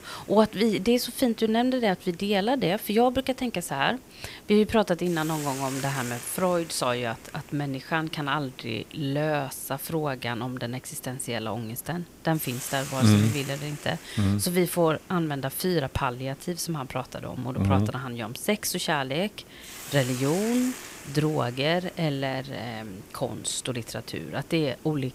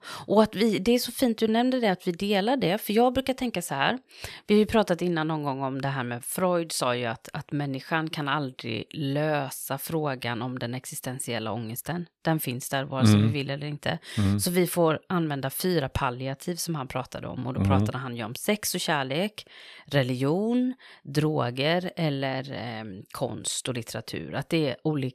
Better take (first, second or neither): second